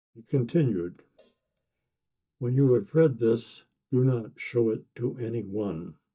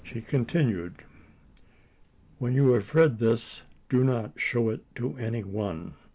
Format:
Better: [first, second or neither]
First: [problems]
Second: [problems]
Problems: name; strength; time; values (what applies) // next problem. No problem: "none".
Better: second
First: noise reduction (neural mask model DeepFilterNet 3)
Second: none